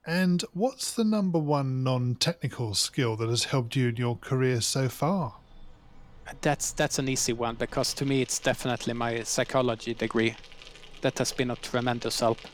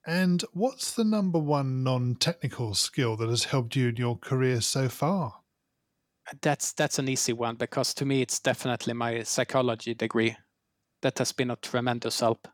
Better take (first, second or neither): second